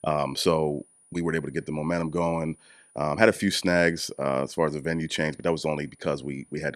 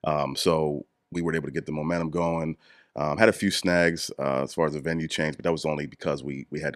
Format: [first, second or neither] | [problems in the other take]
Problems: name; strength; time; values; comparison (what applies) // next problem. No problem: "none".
second | high-pitched whine; faint; throughout; 9.5 kHz, 30 dB below the speech